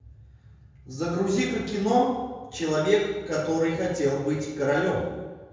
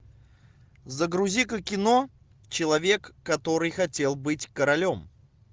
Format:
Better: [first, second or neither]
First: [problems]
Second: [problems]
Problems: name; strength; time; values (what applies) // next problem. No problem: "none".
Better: second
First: room echo; dies away in 1.2 s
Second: none